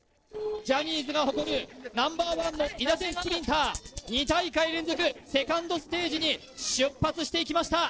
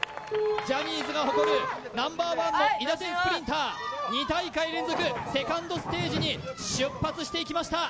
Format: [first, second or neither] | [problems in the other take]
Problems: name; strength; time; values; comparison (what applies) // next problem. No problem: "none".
second | noise reduction (neural separator model SepFormer DNS4)